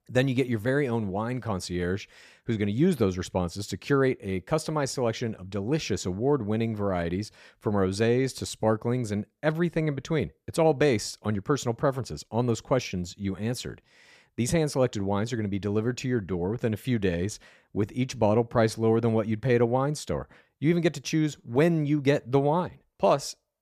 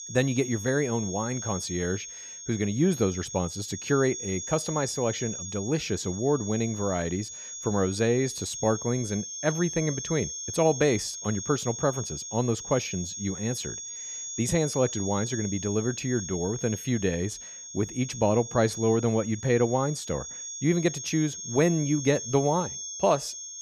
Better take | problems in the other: first | high-pitched whine; loud; throughout; 6.5 kHz, 7 dB below the speech

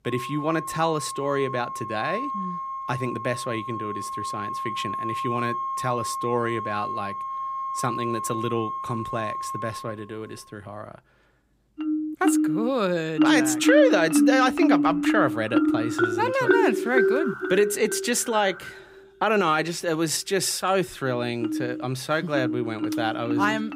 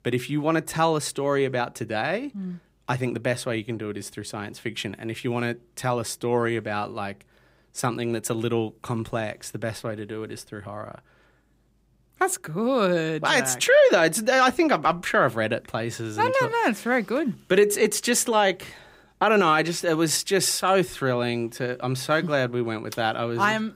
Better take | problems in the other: second | background music; loud; throughout; 1 dB below the speech

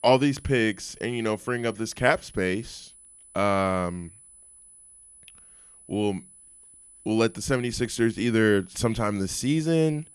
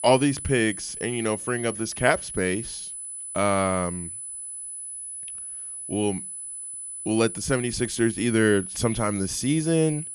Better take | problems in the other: first | high-pitched whine; loud; throughout; 10 kHz, 8 dB below the speech; faint in the first

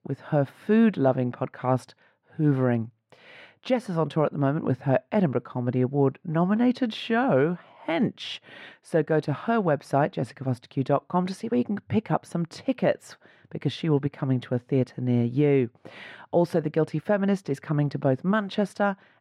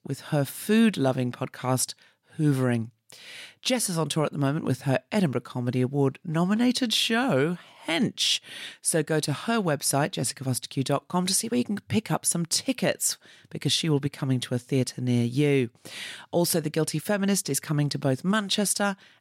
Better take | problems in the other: second | muffled; very; fading above 4 kHz

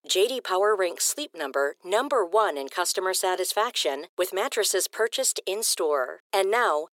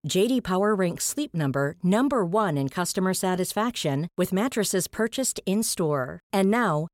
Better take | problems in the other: second | thin; very; fading below 350 Hz

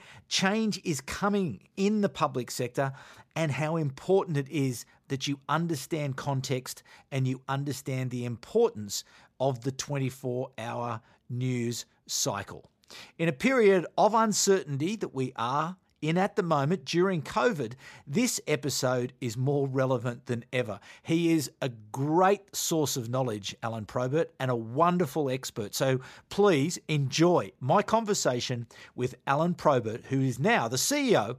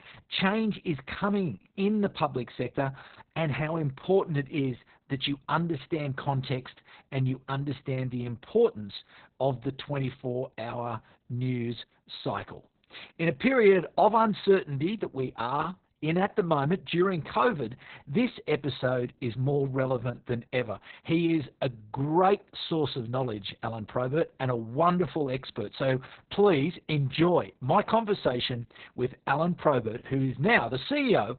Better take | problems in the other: first | garbled, watery; badly; nothing above 4 kHz

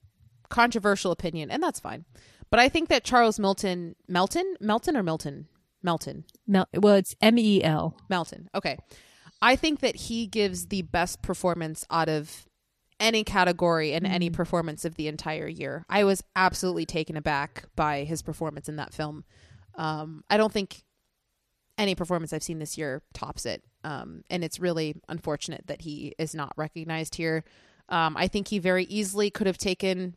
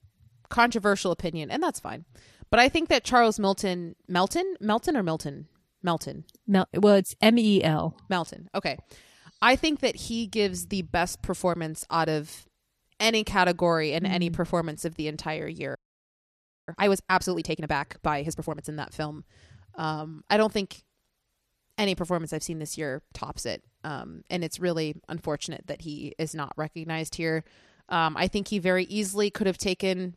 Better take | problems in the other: first | audio freezing; at 16 s for 1 s

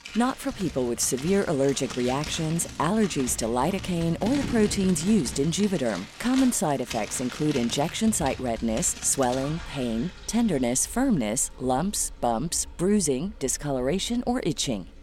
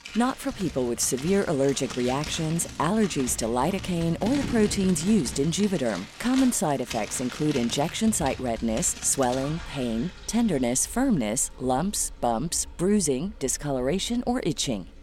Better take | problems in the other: neither | household noises; noticeable; throughout; 15 dB below the speech; the same in both

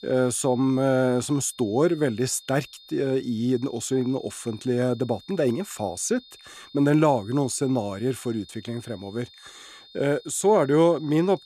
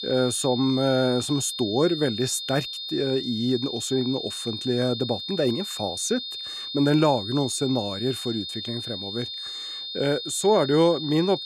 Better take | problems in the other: first | high-pitched whine; loud; throughout; 3.5 kHz, 6 dB below the speech; faint in the first

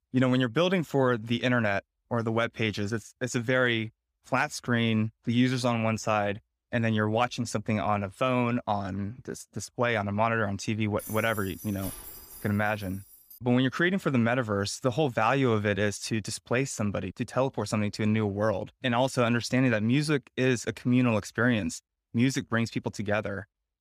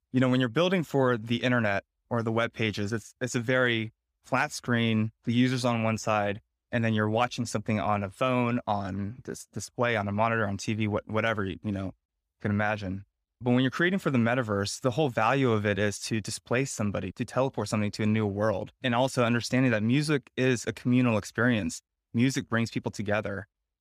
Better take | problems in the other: second | jangling keys; faint; from 11 to 13 s; peak 10 dB below the speech

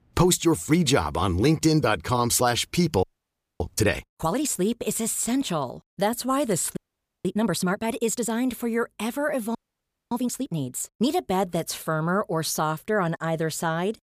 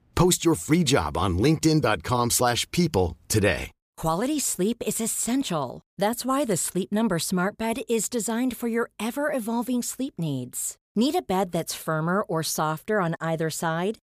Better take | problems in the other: second | audio freezing; at 3 s for 0.5 s, at 7 s and at 9.5 s for 0.5 s

